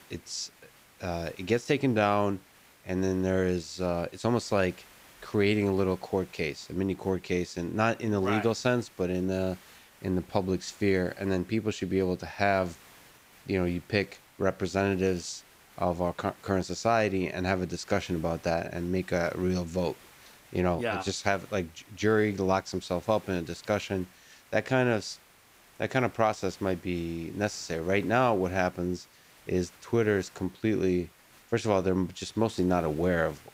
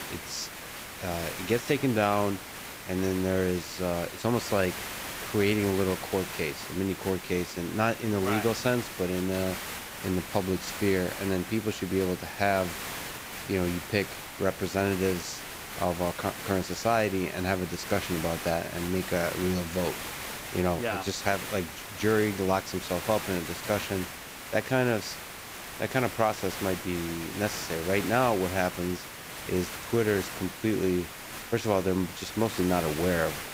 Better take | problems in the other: first | hiss; loud; throughout; 8 dB below the speech; faint in the first

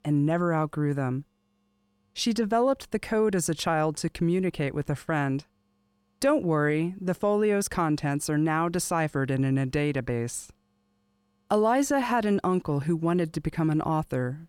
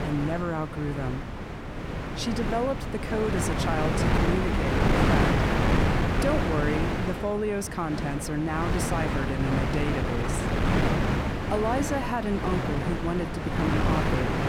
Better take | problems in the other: first | wind noise on the microphone; heavy; 2 dB above the speech

